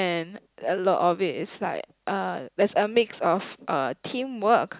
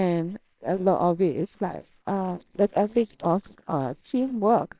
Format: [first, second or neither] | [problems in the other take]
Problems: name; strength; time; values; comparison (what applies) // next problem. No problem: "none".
first | noise reduction (neural separator model SepFormer WHAMR!)